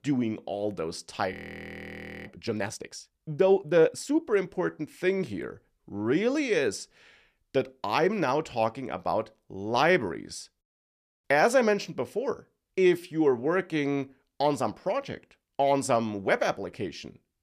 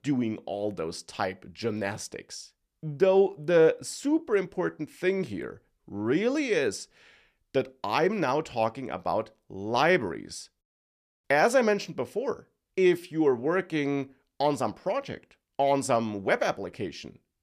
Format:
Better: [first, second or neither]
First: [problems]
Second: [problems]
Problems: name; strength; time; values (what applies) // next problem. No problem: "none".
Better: second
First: audio freezing; at 1.5 s for 1 s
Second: none